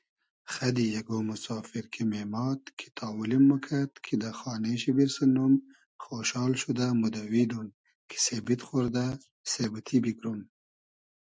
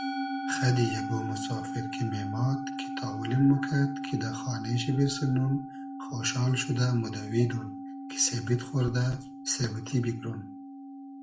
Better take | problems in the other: first | background sound (Musical instrument); 8 dB below the speech // room echo; dies away in 0.4 s

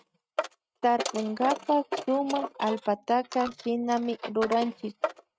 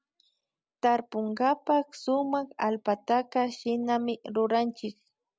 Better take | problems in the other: second | noise reduction (neural mask model RNNoise)

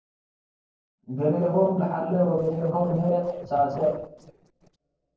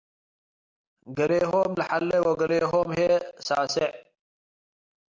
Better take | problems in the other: second | noise reduction (neural separator model SepFormer DNS4)

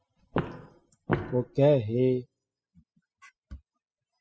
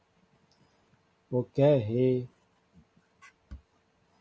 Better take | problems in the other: second | noise reduction (classical method spectral subtraction)

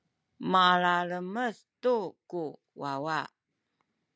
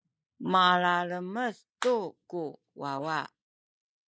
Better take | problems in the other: first | noise reduction (neural mask model Resemble Enhance denoiser)

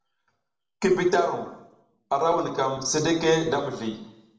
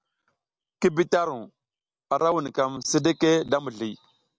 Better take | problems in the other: second | room echo; dies away in 0.6 s

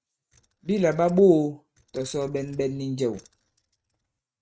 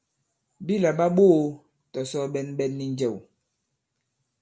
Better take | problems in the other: second | noise reduction (neural mask model RNNoise)

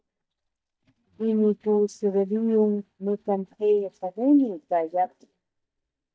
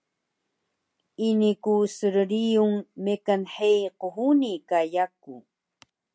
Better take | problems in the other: second | noise reduction (neural mask model DeepFilterNet 3)

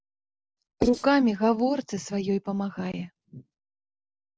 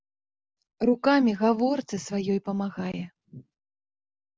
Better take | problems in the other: second | noise reduction (neural separator model SepFormer DNS4)

